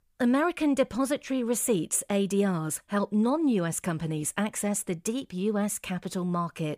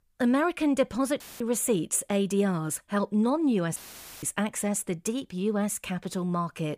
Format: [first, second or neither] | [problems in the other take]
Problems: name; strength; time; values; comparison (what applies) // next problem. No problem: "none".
first | audio cutting out; filled with static; at 1 s and at 4 s